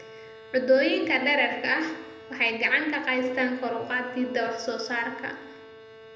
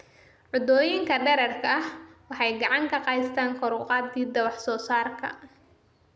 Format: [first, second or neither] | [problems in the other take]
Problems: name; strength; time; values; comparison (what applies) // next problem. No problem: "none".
second | background sound (Bowed string instrument); 20 dB below the speech // room echo; dies away in 0.6 s